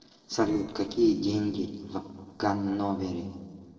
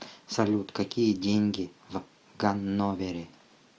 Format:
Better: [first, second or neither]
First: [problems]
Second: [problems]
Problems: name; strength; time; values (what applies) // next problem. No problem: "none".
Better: second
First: noise reduction (neural separator model SepFormer DNS4)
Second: none